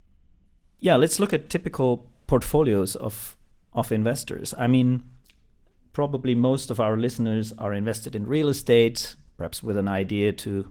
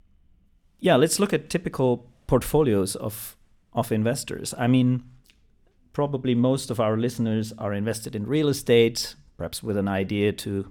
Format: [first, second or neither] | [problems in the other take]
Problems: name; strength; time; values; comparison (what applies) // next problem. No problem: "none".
second | garbled, watery; slightly; nothing above 18.5 kHz